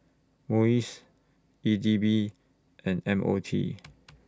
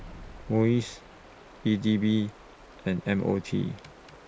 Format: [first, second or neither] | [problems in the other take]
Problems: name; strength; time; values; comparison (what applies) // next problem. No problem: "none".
first | background sound (Stream + Explosion); 19 dB below the speech